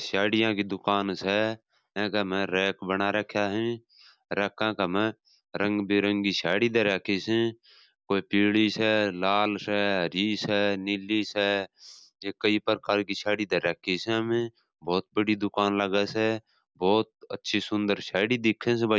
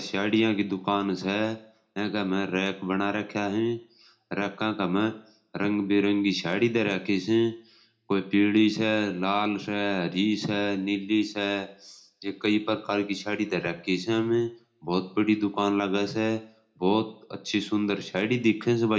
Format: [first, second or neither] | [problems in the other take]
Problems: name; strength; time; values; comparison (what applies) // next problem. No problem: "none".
first | room echo; dies away in 0.4 s